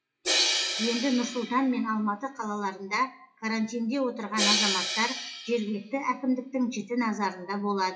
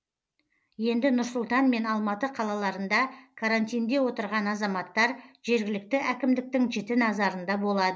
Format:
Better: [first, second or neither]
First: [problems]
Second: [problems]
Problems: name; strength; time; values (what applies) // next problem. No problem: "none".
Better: second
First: noise reduction (classical method WPE with log-MMSE)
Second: none